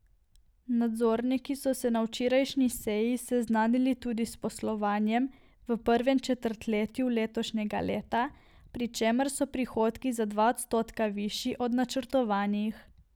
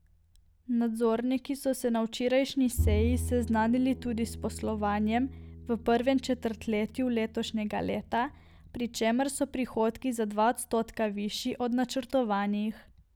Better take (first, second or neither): first